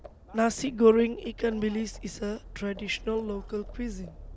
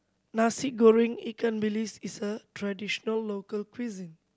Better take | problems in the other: second | background sound (Livestock, farm animals, working animals); 16 dB below the speech

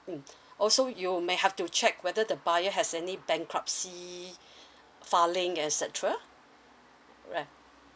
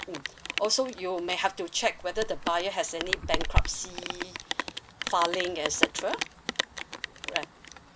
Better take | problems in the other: first | background sound (Rain); 1 dB below the speech

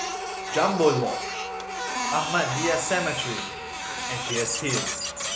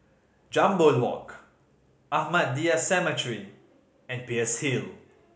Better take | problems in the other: second | background sound (Printer); 2 dB below the speech

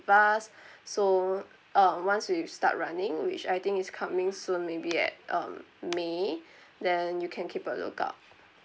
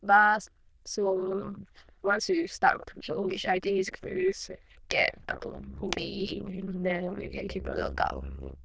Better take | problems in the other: first | noise reduction (neural diffusion model UNIVERSE++)

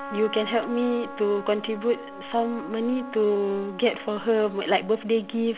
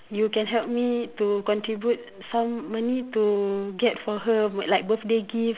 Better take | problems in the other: second | background sound (Trumpet); 14 dB below the speech

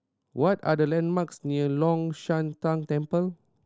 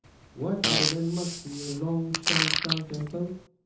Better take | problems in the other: first | background sound (Fart); 1 dB above the speech // room echo; dies away in 0.6 s

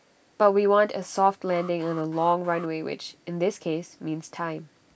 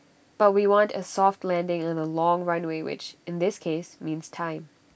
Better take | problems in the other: second | noise reduction (neural mask model Resemble Enhance denoiser)

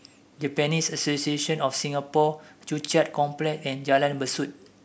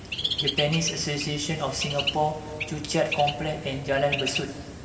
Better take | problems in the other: first | background sound (Bird); 5 dB below the speech // room echo; dies away in 2.8 s

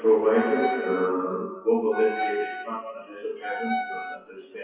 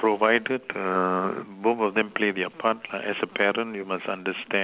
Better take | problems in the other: second | noise reduction (classical method WPE with log-MMSE)

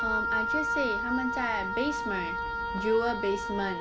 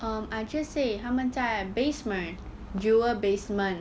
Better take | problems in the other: second | background sound (Wind instrument, woodwind instrument); 1 dB above the speech

